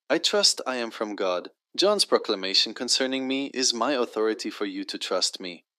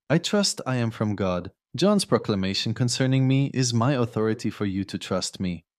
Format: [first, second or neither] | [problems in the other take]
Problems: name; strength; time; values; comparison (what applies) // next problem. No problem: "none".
second | thin; somewhat; fading below 300 Hz